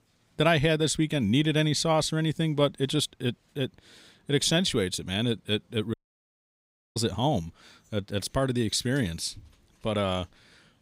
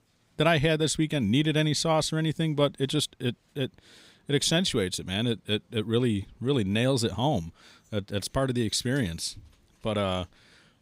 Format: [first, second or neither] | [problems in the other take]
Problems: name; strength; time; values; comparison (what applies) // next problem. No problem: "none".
second | audio cutting out; at 6 s for 1 s